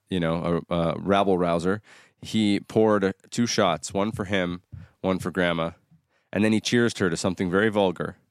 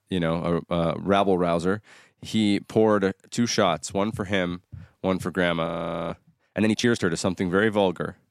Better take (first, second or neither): first